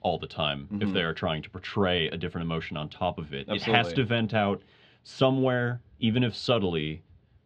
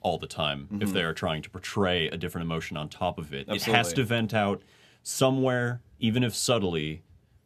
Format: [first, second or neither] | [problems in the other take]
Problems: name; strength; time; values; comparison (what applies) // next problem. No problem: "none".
second | muffled; slightly; fading above 4 kHz